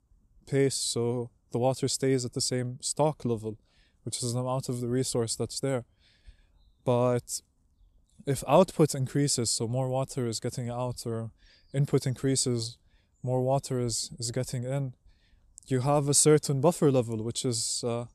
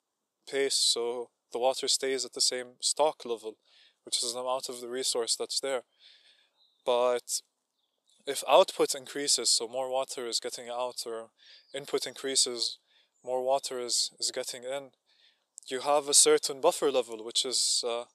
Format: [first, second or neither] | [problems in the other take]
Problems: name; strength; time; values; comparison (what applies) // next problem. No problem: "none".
first | thin; very; fading below 450 Hz